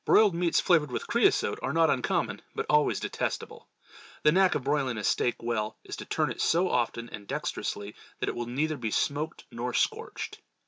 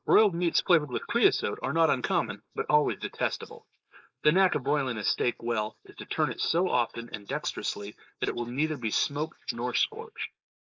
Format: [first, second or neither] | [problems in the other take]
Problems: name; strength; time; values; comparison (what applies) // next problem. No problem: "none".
first | noise reduction (neural mask model Resemble Enhance denoiser)